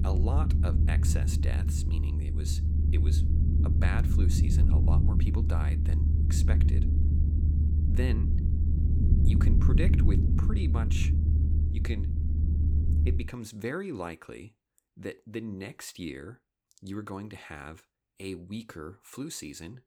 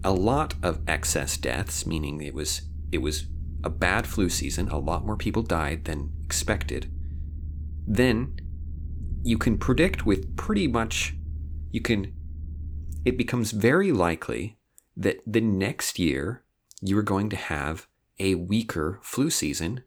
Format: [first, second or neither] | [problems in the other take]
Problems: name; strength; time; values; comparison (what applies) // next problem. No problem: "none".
second | low rumble; loud; until 13 s; 1 dB below the speech; faint in the second